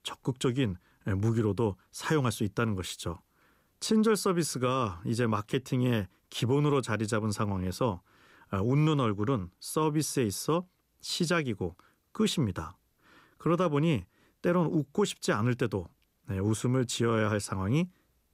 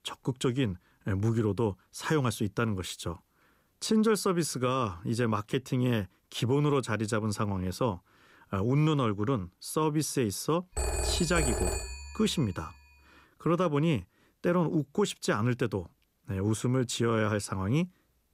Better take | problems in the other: first | phone ringing; noticeable; from 11 to 12 s; peak level with the speech

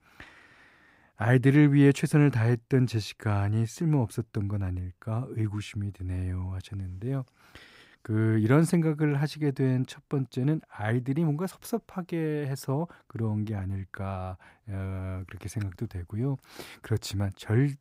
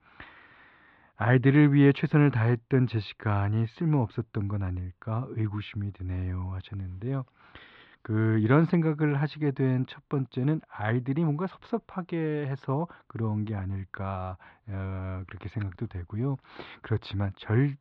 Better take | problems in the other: first | muffled; slightly; fading above 3.5 kHz

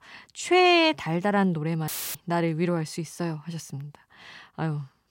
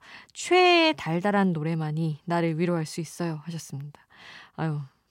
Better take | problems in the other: second | audio cutting out; filled with static; at 2 s

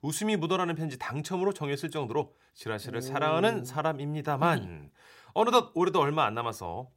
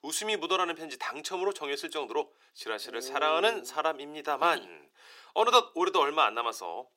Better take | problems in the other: first | thin; very; fading below 350 Hz

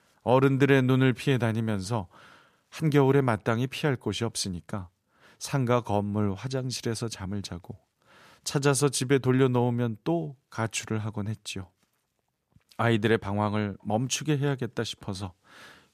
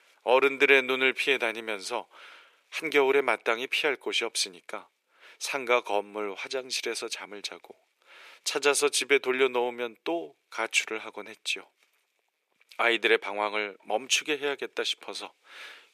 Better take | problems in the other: first | thin; very; fading below 400 Hz

